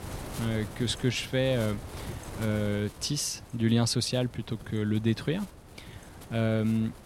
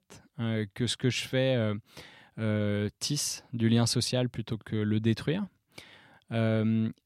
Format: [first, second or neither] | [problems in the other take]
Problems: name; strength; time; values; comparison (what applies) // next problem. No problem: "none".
second | wind noise on the microphone; occasional gusts; 15 dB below the speech